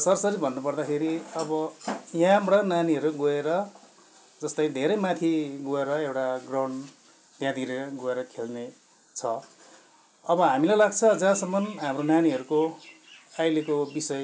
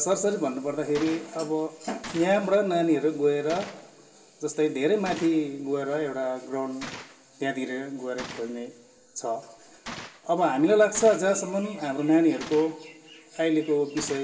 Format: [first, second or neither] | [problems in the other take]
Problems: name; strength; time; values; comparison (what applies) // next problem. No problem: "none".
first | background sound (Gunshot, gunfire); 19 dB below the speech // room echo; dies away in 2.4 s